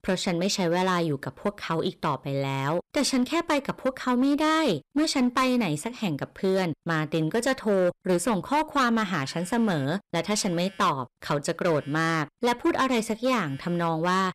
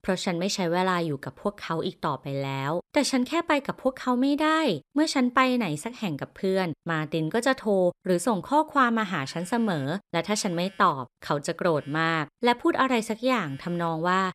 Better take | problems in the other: second | distortion; slight; 8% of the sound clipped

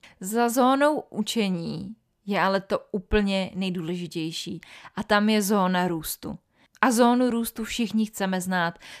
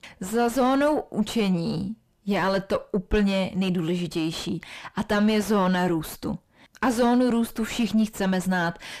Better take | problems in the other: first | distortion; heavy; 6 dB below the speech

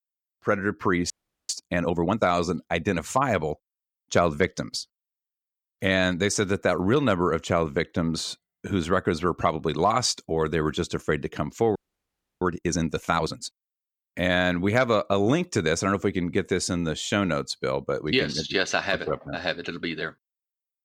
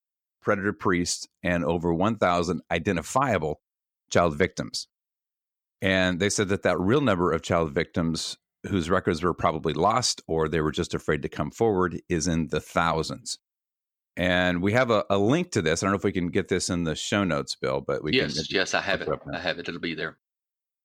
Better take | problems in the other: second | audio freezing; at 1 s and at 12 s for 0.5 s

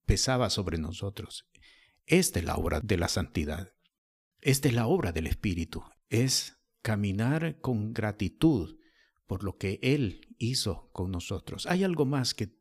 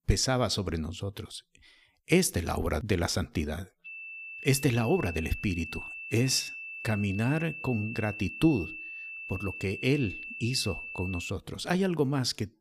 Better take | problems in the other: first | high-pitched whine; loud; from 4 to 11 s; 2.5 kHz, 9 dB below the speech

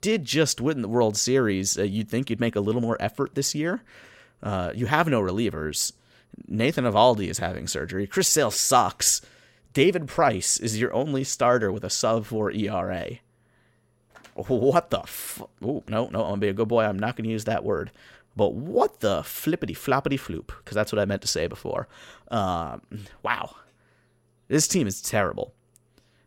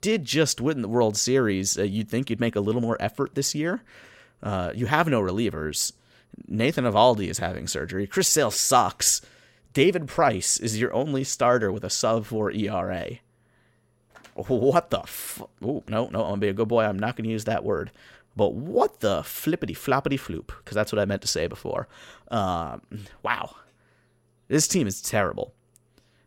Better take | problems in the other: neither | none

